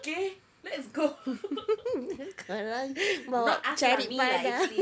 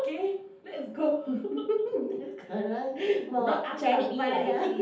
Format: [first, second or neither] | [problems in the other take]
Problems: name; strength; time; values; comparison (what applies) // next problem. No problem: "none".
first | room echo; dies away in 0.6 s